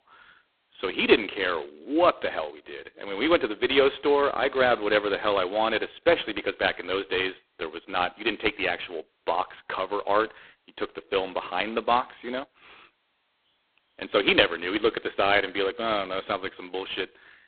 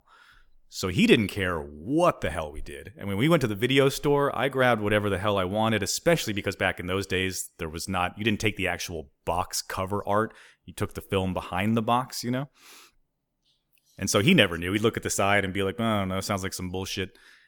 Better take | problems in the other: second | phone-call audio; poor line; nothing above 4 kHz

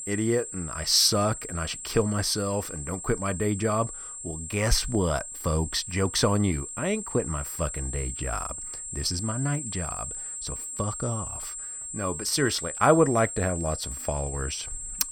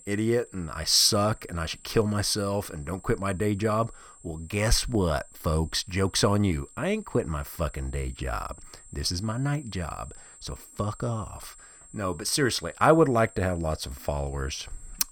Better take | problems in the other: second | high-pitched whine; loud; throughout; 7.5 kHz, 7 dB below the speech; faint in the second

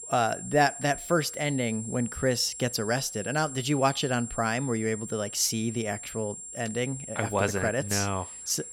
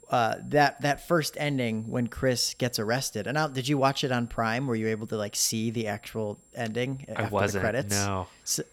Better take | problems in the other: second | high-pitched whine; loud; throughout; 7.5 kHz, 10 dB below the speech; faint in the second

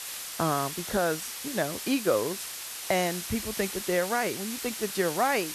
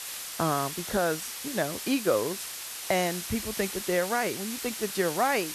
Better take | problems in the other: neither | hiss; loud; throughout; 5 dB below the speech; the same in both

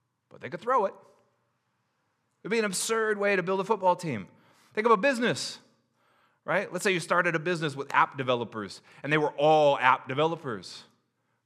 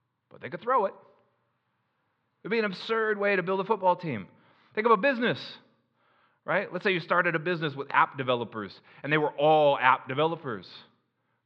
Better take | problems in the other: first | muffled; slightly; fading above 4 kHz

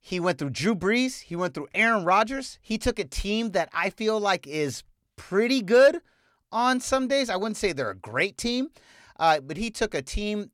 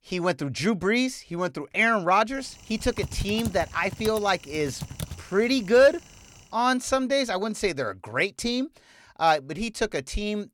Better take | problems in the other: first | keyboard typing; noticeable; from 3 to 6 s; peak 9 dB below the speech

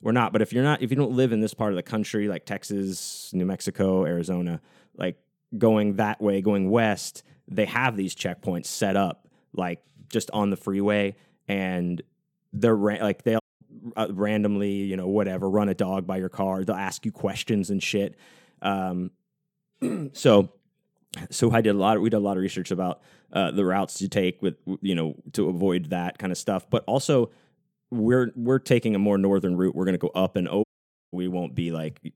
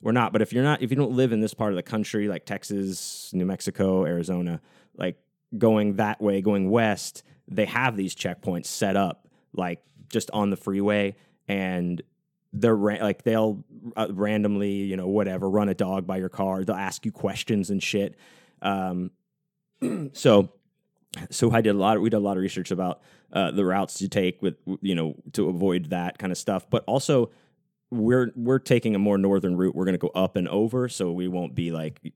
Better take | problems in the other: second | audio cutting out; at 13 s and at 31 s

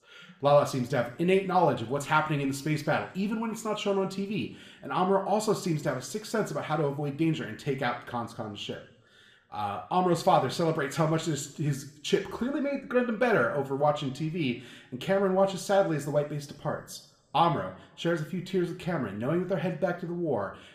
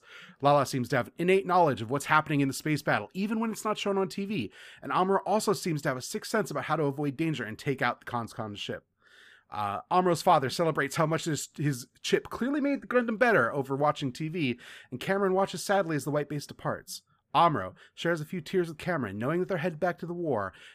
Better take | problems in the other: second | room echo; very slight; dies away in 0.6 s

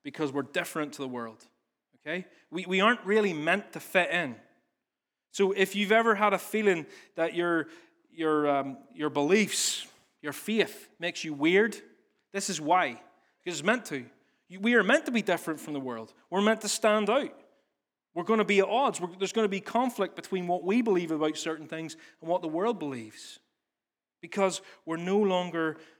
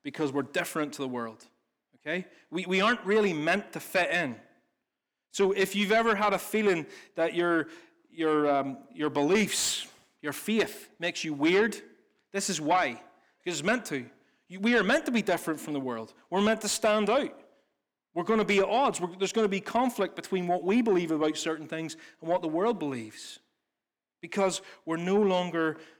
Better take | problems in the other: first | distortion; slight; 10 dB below the speech

